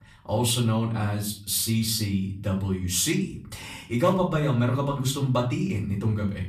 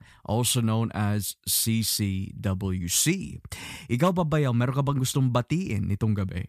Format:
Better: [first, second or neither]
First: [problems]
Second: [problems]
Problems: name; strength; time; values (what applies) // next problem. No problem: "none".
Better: second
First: off-mic speech; far // room echo; slight; dies away in 0.3 s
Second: none